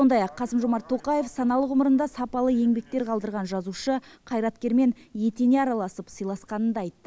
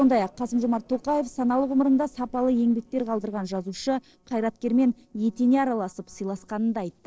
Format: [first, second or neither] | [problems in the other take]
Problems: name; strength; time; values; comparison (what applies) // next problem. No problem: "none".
first | noise reduction (neural separator model SepFormer DNS4)